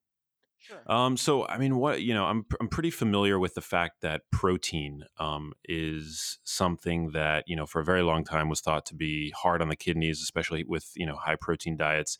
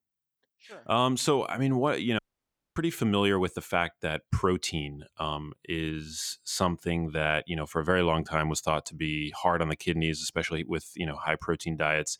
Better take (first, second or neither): first